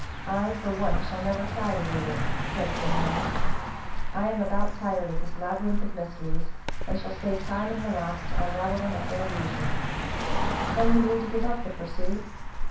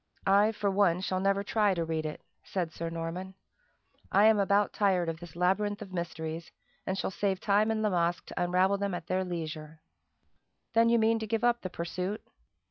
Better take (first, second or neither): second